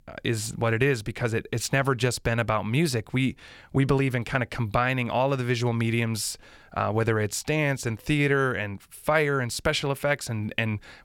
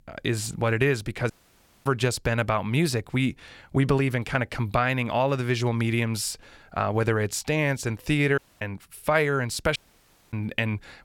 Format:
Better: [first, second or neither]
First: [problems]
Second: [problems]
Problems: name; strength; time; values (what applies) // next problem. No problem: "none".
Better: first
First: none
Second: audio cutting out; at 1.5 s for 0.5 s, at 8.5 s and at 10 s for 0.5 s